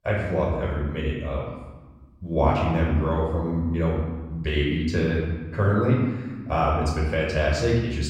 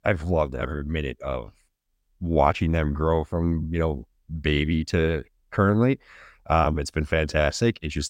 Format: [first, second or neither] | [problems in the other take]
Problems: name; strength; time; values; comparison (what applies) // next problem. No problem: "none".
second | off-mic speech; far // room echo; noticeable; dies away in 1.2 s